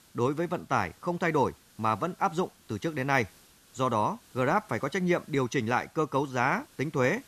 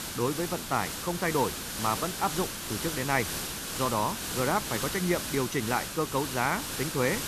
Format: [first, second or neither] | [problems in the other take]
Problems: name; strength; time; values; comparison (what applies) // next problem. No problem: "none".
first | hiss; loud; throughout; 3 dB below the speech; faint in the first